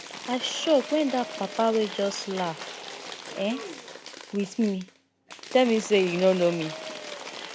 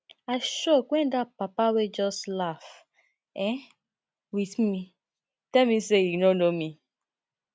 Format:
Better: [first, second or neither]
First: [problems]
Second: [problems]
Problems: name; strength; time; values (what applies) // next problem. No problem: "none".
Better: second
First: background sound (Applause / Crowd / Cheering); 12 dB below the speech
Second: none